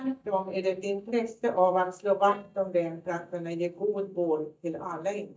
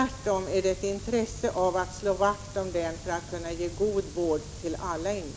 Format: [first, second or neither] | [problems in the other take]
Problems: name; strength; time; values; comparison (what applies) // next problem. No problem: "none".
second | noise reduction (neural mask model DeepFilterNet 3)